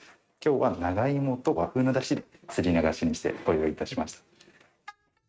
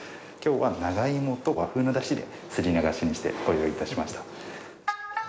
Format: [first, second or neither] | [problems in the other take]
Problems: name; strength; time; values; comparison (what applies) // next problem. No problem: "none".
second | noise reduction (neural mask model RNNoise)